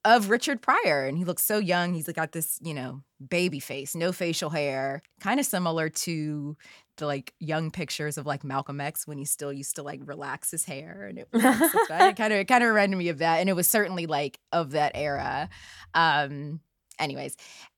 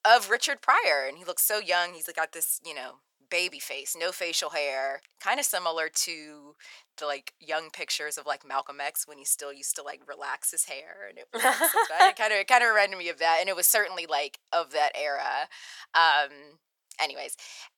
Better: first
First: none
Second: thin; very; fading below 550 Hz

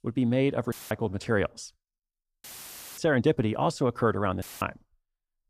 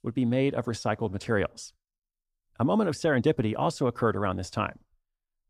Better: second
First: audio cutting out; filled with static; at 0.5 s, at 2.5 s for 0.5 s and at 4.5 s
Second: none

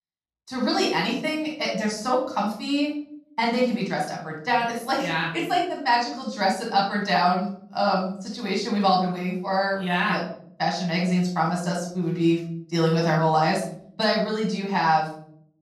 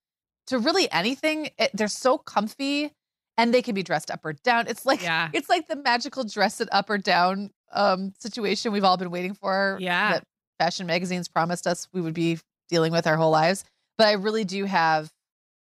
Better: second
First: off-mic speech; far // room echo; noticeable; dies away in 0.6 s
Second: none

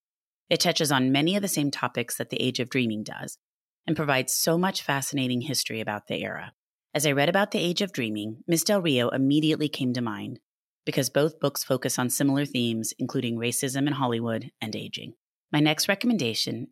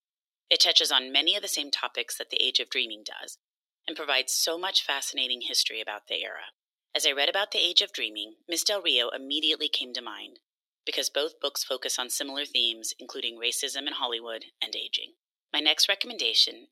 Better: first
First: none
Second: thin; very; fading below 350 Hz

